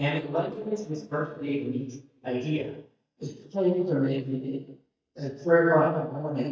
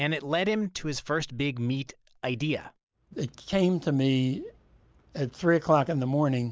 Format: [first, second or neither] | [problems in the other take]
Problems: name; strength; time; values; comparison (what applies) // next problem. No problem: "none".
second | noise reduction (neural mask model DeepFilterNet 3)